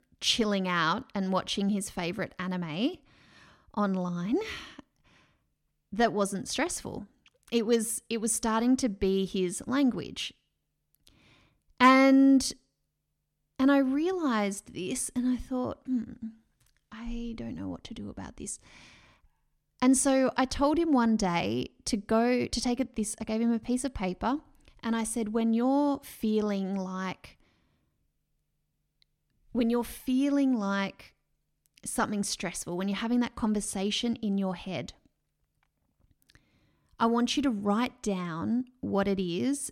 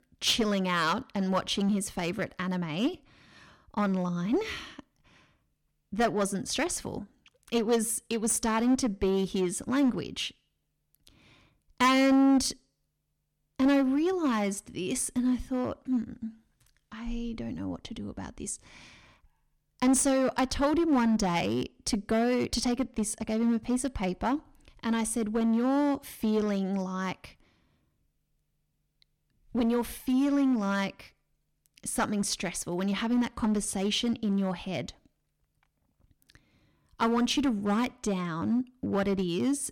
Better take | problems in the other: first | distortion; slight; 5% of the sound clipped

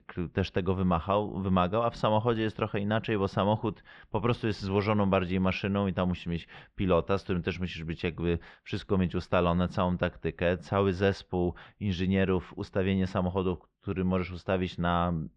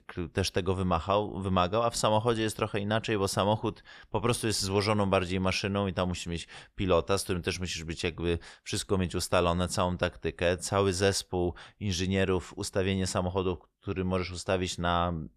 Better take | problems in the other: second | muffled; slightly; fading above 3 kHz

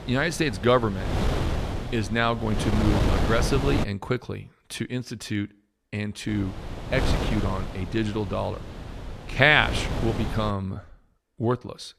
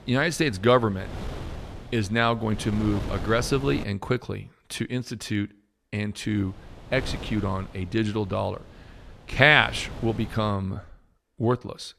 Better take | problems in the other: second | wind noise on the microphone; heavy; until 4 s and from 6.5 to 11 s; 8 dB below the speech; occasional gusts in the second

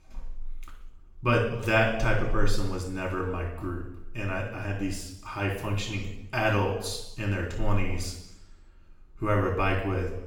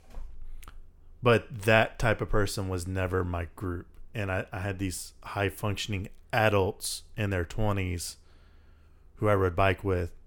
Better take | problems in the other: second | room echo; noticeable; dies away in 0.8 s // off-mic speech; far

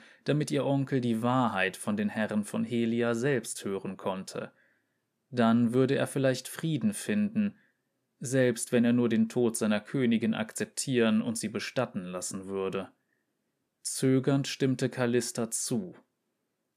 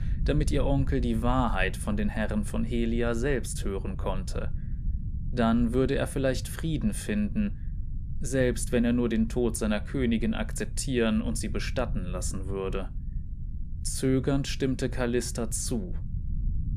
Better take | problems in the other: first | low rumble; noticeable; throughout; 20 dB below the speech

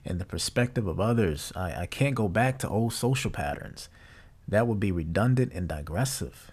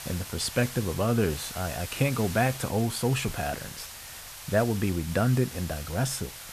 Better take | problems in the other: first | hiss; noticeable; throughout; 10 dB below the speech

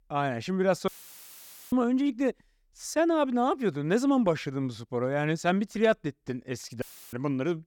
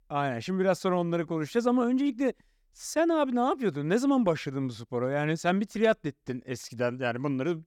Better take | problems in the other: second | audio cutting out; filled with static; at 1 s for 1 s and at 7 s

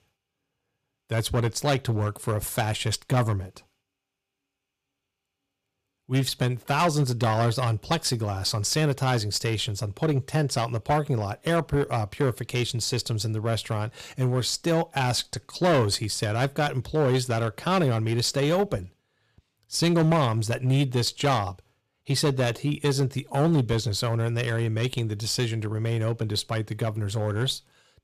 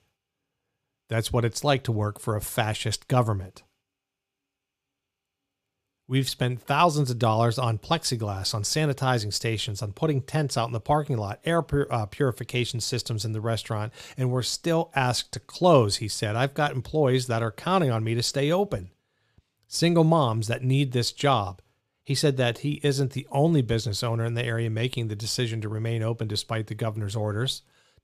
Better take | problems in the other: second | distortion; slight; 6% of the sound clipped

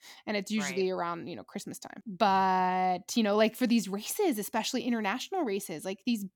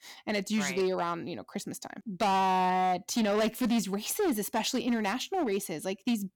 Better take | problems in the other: first | distortion; slight; 12% of the sound clipped

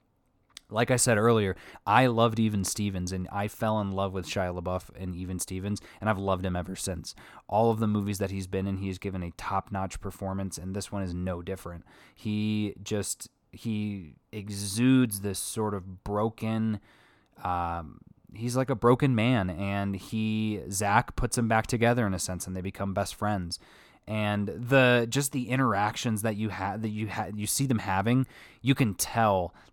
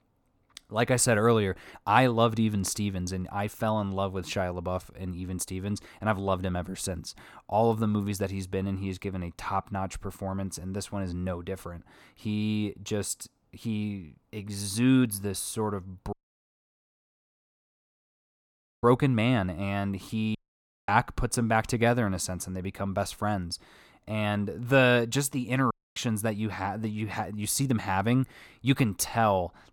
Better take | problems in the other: first | audio cutting out; at 16 s for 2.5 s, at 20 s for 0.5 s and at 26 s

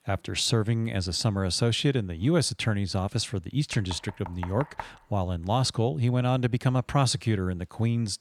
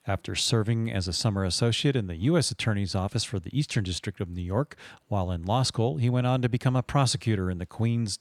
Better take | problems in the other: second | door banging; faint; from 3.5 to 5 s; peak 10 dB below the speech

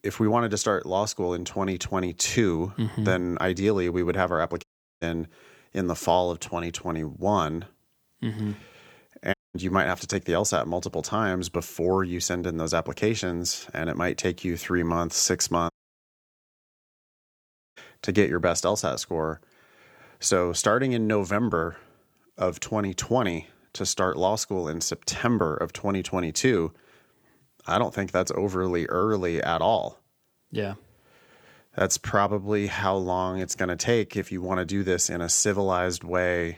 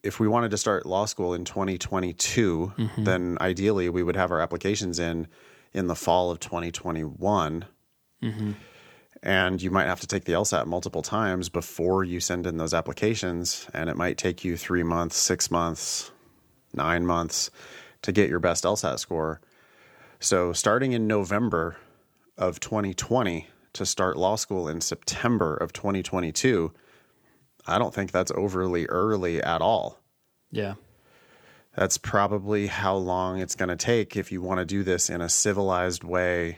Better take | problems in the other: second | audio cutting out; at 4.5 s, at 9.5 s and at 16 s for 2 s

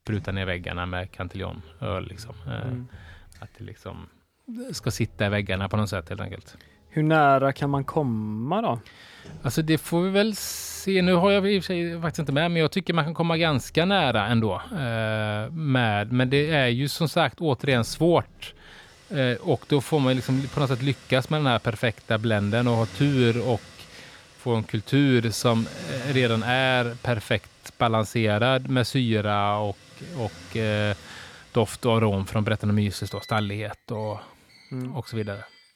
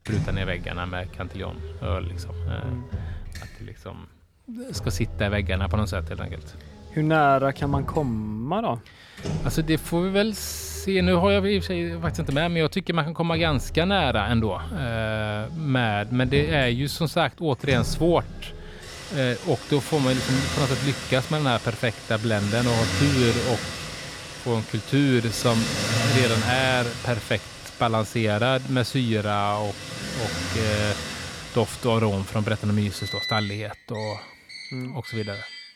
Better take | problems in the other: first | traffic noise; loud; throughout; 7 dB below the speech; faint in the first

